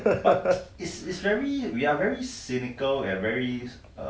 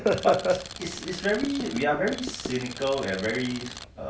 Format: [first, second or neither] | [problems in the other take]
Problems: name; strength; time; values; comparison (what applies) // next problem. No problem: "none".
first | background sound (Tools + Knock / Wood); 11 dB below the speech